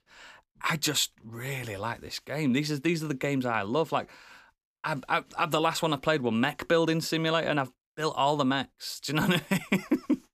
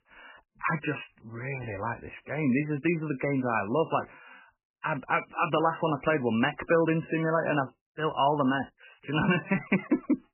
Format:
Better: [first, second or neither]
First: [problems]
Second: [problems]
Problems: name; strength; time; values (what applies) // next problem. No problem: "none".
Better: first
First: none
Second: garbled, watery; badly; nothing above 3 kHz